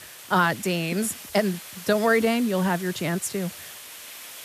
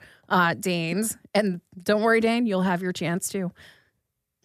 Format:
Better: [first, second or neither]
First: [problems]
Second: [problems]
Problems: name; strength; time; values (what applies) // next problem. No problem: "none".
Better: second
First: hiss; noticeable; throughout; 15 dB below the speech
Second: none